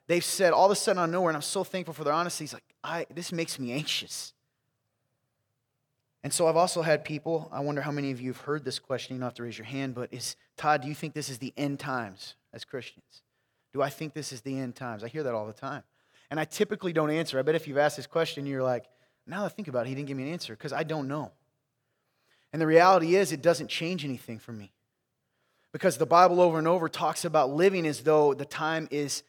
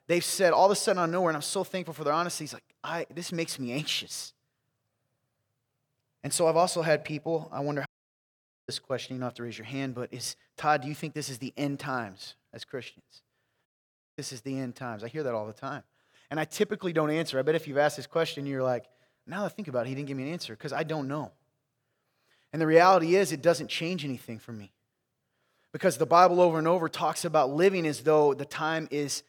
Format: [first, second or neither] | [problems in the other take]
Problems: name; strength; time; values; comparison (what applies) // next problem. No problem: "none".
first | audio cutting out; at 8 s for 1 s and at 14 s for 0.5 s